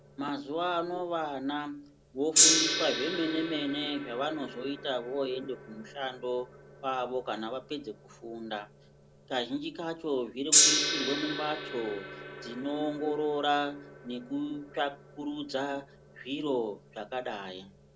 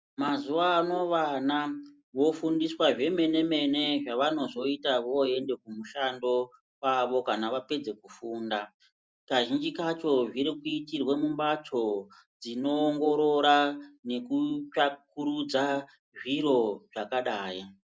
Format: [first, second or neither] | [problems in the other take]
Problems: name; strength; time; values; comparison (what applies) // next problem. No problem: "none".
second | background sound (Gong); as loud as the speech